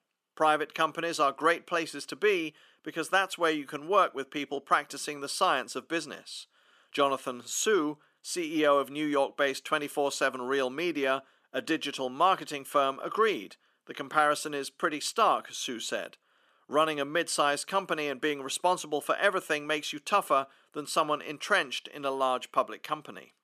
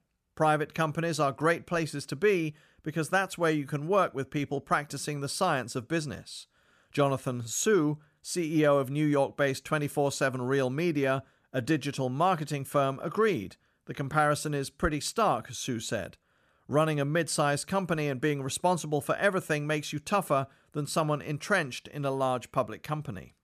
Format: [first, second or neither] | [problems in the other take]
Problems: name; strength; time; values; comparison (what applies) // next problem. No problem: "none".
second | thin; somewhat; fading below 300 Hz